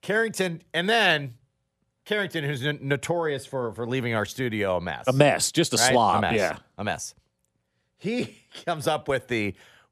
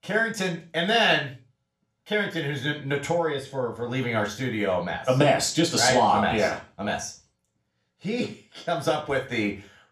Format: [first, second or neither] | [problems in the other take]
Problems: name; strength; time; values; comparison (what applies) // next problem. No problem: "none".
first | room echo; slight; dies away in 0.3 s // off-mic speech; far